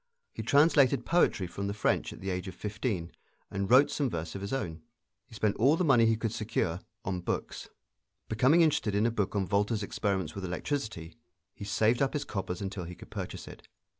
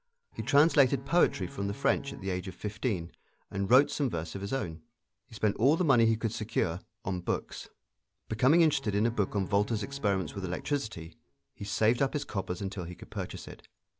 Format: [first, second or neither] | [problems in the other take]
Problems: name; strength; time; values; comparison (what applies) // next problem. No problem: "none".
first | background sound (Bowed string instrument); 18 dB below the speech